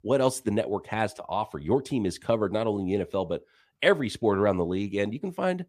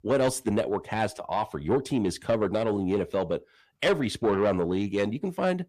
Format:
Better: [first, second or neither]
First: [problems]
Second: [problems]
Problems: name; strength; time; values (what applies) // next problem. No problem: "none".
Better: first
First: none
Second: distortion; slight; 10 dB below the speech